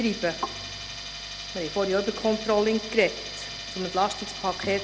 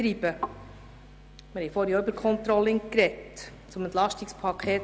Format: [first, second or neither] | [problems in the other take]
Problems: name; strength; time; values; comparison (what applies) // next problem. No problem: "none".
second | background sound (Tools); 9 dB below the speech